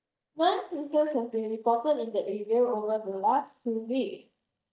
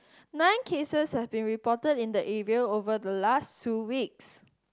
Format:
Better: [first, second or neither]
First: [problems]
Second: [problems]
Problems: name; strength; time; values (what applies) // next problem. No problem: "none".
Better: second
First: noise reduction (neural mask model DeepFilterNet 3)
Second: none